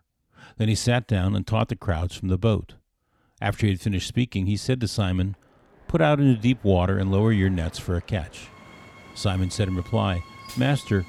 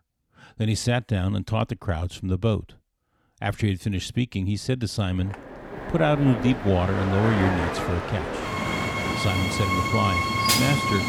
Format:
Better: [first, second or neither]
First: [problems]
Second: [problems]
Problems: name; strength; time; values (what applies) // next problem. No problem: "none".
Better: first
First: train or aircraft noise; faint; from 5.5 s on; 20 dB below the speech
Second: train or aircraft noise; loud; from 5.5 s on; as loud as the speech